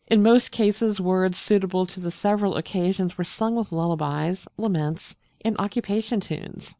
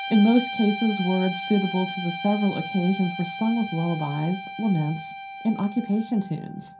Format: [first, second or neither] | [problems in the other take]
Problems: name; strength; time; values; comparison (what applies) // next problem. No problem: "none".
first | background sound (Guitar); 10 dB below the speech // room echo; dies away in 0.3 s